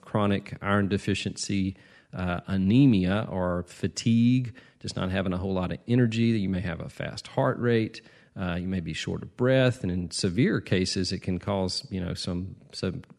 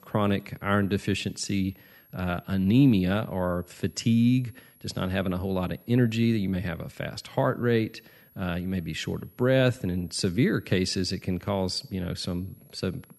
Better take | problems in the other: first | high-pitched whine; faint; throughout; 11.5 kHz, 30 dB below the speech

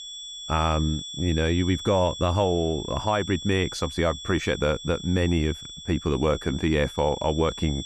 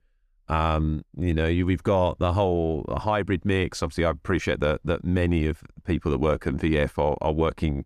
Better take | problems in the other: second | high-pitched whine; noticeable; throughout; 3.5 kHz, 10 dB below the speech

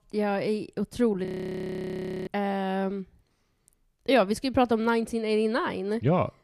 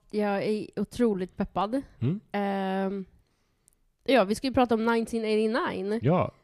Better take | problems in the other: second | audio freezing; at 1.5 s for 1 s

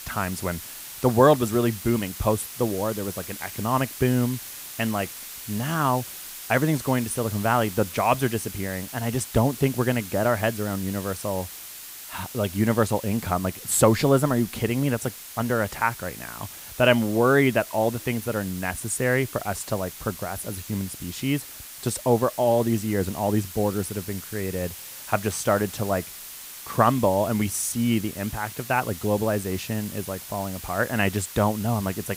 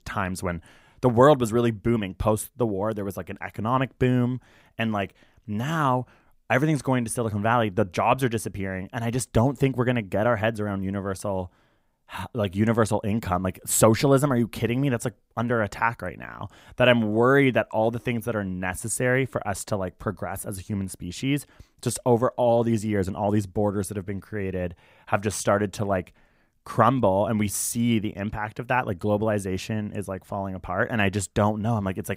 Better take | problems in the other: second | hiss; noticeable; throughout; 10 dB below the speech

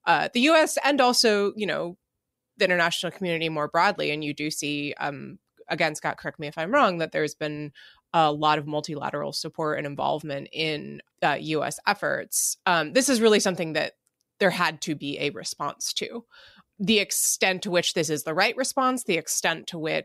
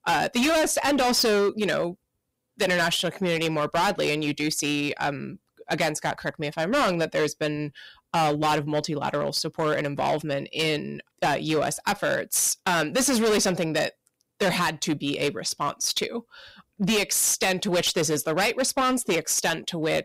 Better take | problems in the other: first | distortion; heavy; 13% of the sound clipped

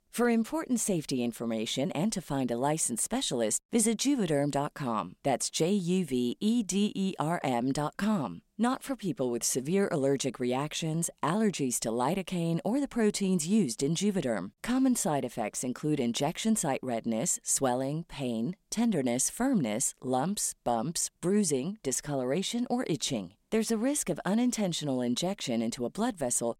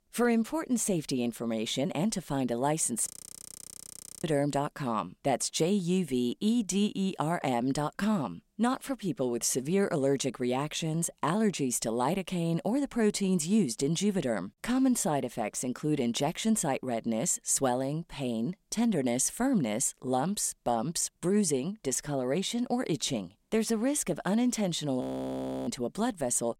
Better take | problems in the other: first | audio freezing; at 3 s for 1 s and at 25 s for 0.5 s

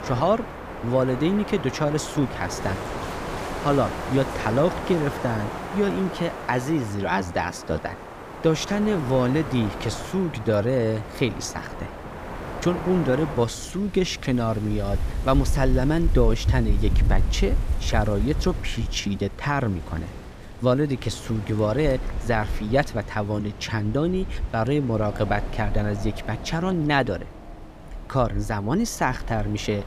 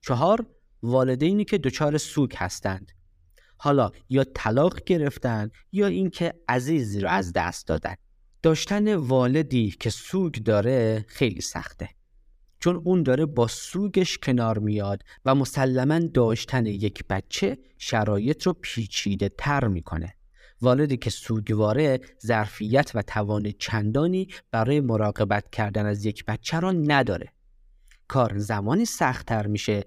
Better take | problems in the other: second | wind in the background; loud; throughout; 7 dB below the speech

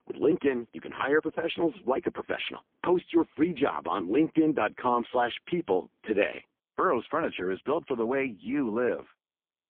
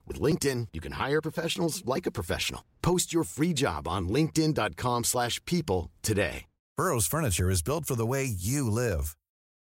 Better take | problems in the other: second | phone-call audio; poor line; nothing above 3.5 kHz

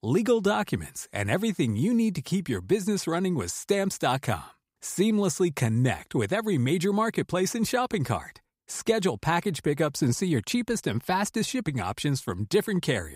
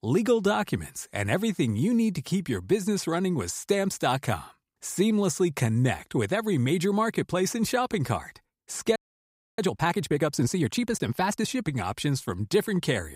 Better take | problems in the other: first | audio freezing; at 9 s for 0.5 s

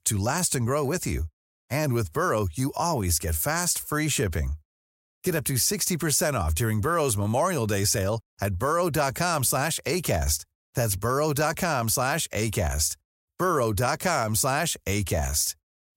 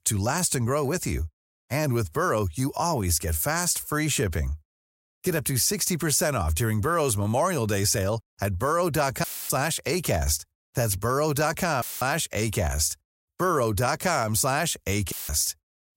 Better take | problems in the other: first | audio cutting out; filled with static; at 9 s, at 12 s and at 15 s

